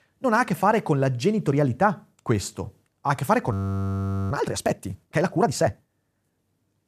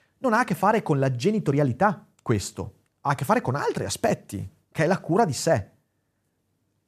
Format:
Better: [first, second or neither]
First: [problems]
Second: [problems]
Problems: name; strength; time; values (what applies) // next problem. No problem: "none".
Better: second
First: audio freezing; at 3.5 s for 1 s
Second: none